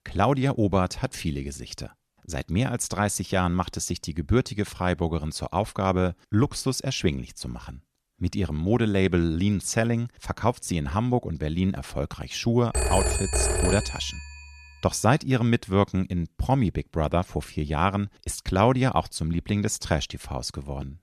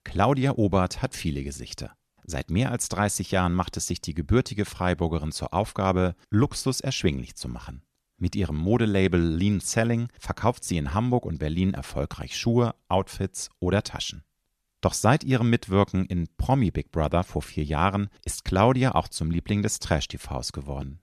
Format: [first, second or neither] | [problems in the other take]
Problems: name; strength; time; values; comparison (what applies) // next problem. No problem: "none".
second | phone ringing; loud; from 13 to 14 s; peak 2 dB above the speech